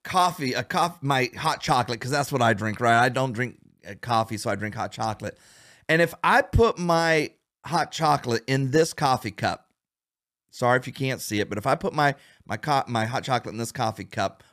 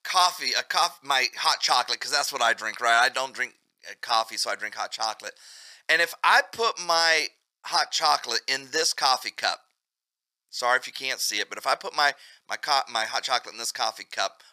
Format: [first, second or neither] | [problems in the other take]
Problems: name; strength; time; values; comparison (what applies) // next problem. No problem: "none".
first | thin; very; fading below 850 Hz